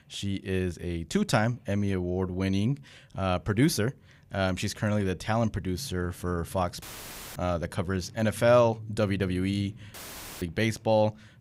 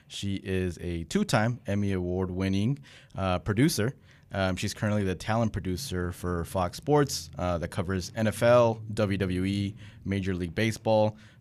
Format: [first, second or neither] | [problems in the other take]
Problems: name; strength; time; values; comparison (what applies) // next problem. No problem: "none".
second | audio cutting out; filled with static; at 7 s for 0.5 s and at 10 s